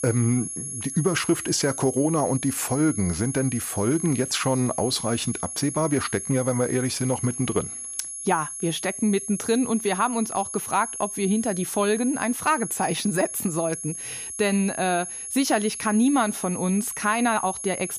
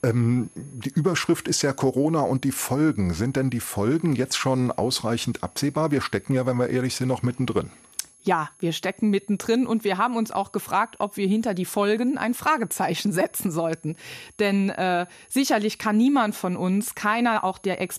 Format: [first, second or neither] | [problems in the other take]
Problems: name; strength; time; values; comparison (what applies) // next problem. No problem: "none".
second | high-pitched whine; loud; throughout; 11 kHz, 7 dB below the speech; faint in the second